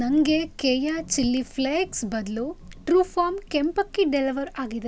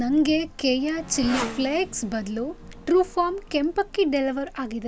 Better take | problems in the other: first | background sound (Motorcycle); 14 dB below the speech

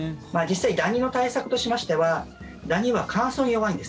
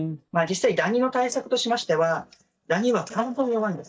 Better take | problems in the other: first | noise reduction (neural mask model DeepFilterNet 3)

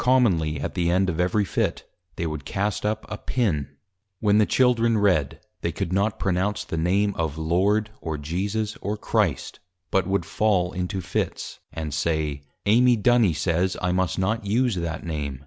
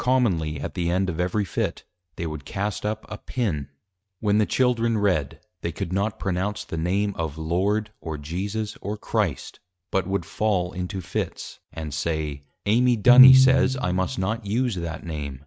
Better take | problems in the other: first | noise reduction (neural mask model RNNoise)

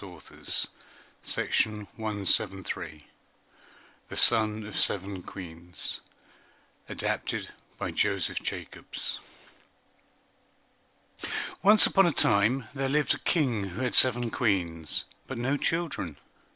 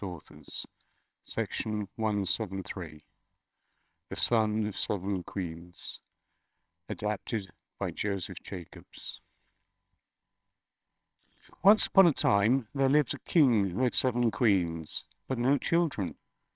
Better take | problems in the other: first | noise reduction (neural separator model SepFormer WHAMR!)

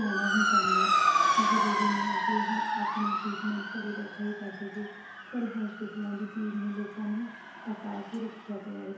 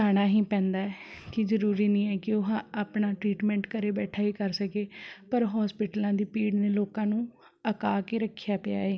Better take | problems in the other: second | background sound (Motor vehicle (road) / Siren); 4 dB above the speech // room echo; dies away in 2.4 s

